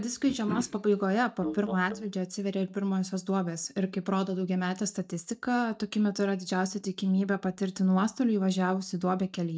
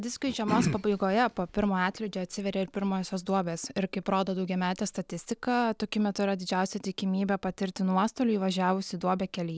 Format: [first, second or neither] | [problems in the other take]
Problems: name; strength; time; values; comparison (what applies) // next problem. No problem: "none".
second | noise reduction (neural mask model DeepFilterNet 3)